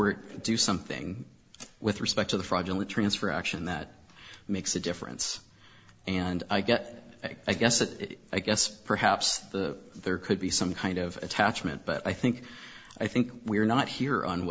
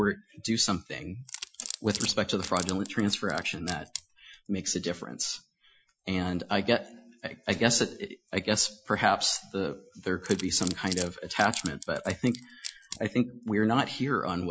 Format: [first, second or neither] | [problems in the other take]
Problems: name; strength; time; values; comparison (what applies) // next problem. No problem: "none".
first | noise reduction (classical method Wiener filter)